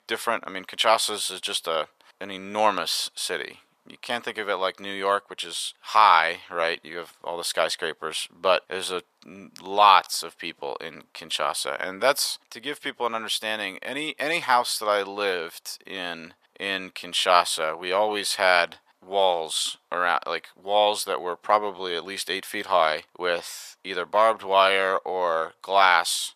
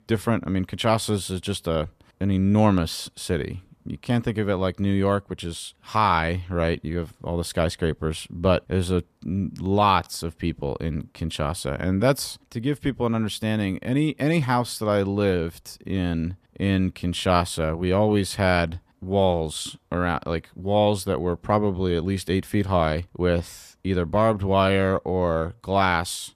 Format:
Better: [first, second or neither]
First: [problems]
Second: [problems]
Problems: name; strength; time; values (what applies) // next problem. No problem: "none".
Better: second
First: thin; very; fading below 800 Hz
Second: none